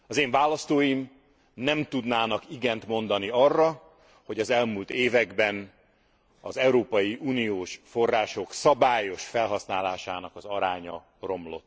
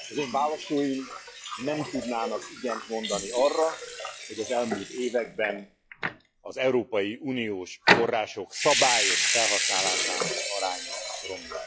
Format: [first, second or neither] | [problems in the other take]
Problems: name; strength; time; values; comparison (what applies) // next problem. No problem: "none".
first | noise reduction (classical method log-MMSE)